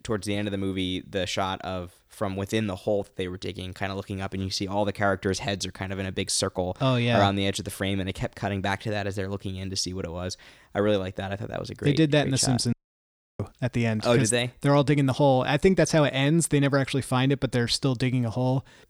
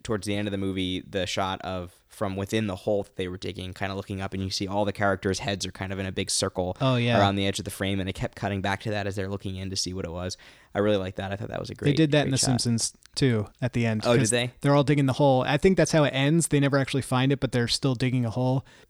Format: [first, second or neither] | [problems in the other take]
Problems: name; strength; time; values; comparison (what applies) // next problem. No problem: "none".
second | audio cutting out; at 13 s for 0.5 s